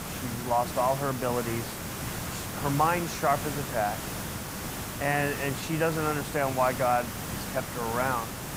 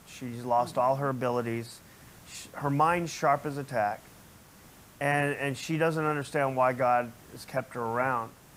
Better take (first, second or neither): second